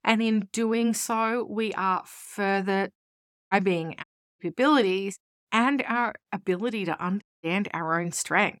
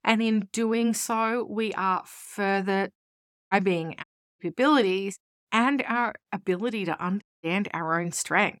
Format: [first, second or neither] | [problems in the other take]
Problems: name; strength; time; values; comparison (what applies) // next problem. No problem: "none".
neither | audio cutting out; at 3 s for 0.5 s, at 4 s and at 7 s; the same in both